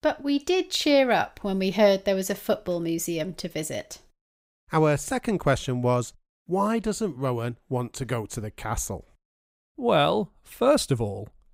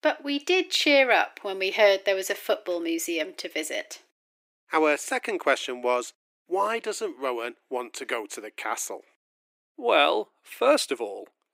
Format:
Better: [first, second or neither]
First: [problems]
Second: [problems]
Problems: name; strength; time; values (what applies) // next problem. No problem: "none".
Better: first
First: none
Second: thin; somewhat; fading below 300 Hz